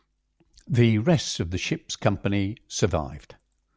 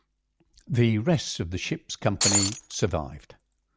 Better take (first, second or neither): first